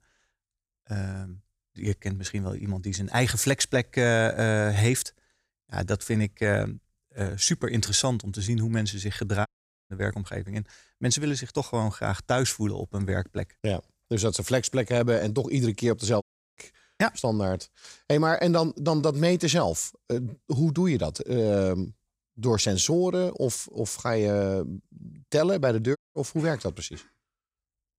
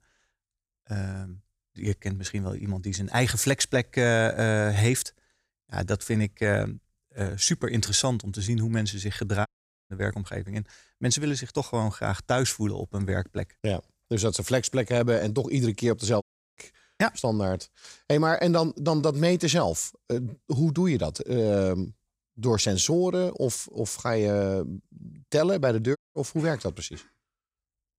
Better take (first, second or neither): neither